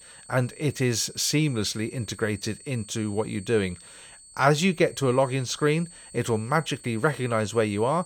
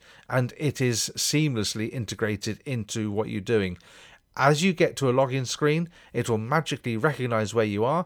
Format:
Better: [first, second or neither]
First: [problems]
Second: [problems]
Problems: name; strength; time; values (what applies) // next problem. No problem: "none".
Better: second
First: high-pitched whine; noticeable; throughout; 8 kHz, 20 dB below the speech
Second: none